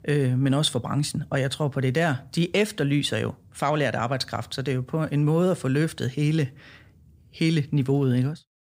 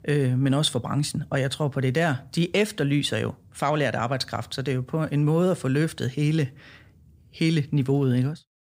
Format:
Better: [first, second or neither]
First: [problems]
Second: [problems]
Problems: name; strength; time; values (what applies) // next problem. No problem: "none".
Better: neither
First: none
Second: none